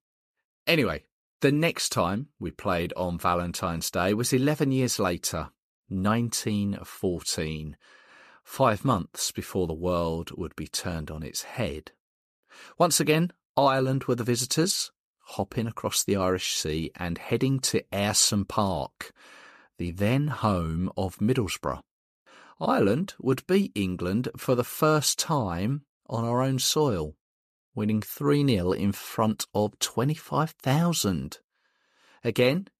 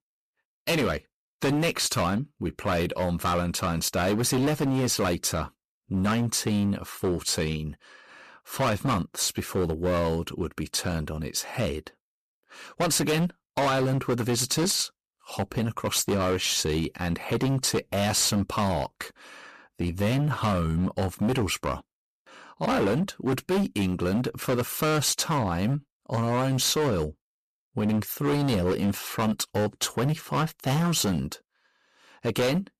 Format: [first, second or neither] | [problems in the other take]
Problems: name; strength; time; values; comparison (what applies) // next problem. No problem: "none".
first | distortion; heavy; 14% of the sound clipped